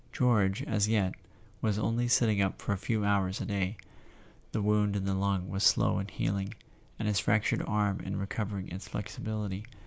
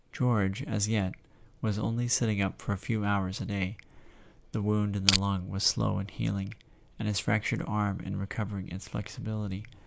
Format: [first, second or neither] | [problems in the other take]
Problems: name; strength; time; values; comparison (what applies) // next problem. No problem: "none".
first | noise reduction (neural mask model Resemble Enhance denoiser)